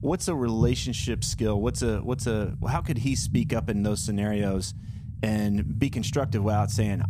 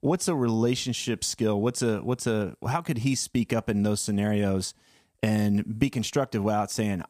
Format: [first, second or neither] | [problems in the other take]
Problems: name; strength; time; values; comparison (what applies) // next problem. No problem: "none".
second | low rumble; noticeable; throughout; 15 dB below the speech